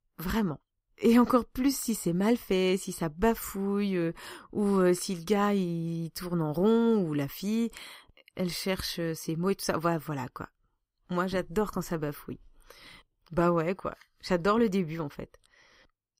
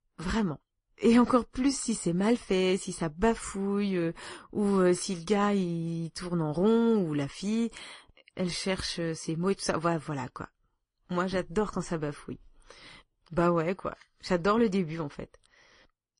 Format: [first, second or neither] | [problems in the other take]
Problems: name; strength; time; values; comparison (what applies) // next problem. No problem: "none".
first | garbled, watery; slightly; nothing above 10.5 kHz